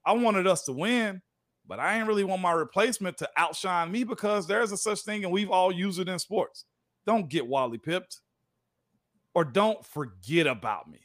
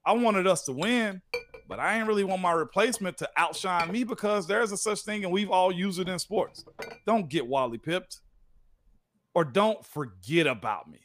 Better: first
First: none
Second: clattering dishes; noticeable; from 1 to 7 s; peak 9 dB below the speech

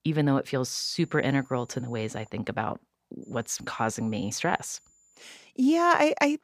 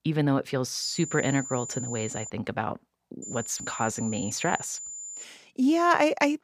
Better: first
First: high-pitched whine; faint; from 1 to 2.5 s and from 3 to 5 s; 7 kHz, 35 dB below the speech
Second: high-pitched whine; loud; from 1 to 2.5 s and from 3 to 5 s; 7 kHz, 9 dB below the speech

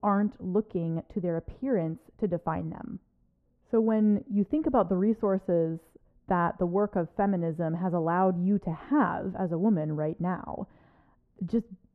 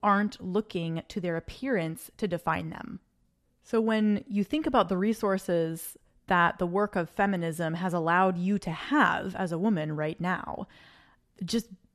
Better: second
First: muffled; very; fading above 2 kHz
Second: none

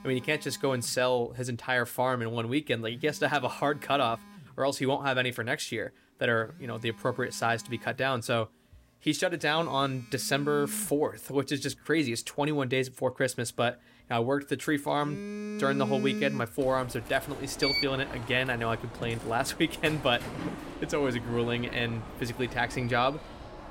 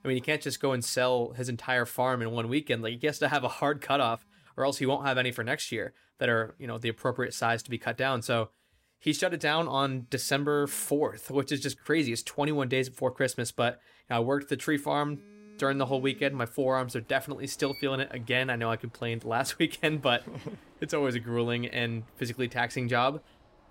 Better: second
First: alarms or sirens; loud; throughout; 10 dB below the speech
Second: alarms or sirens; faint; throughout; 25 dB below the speech

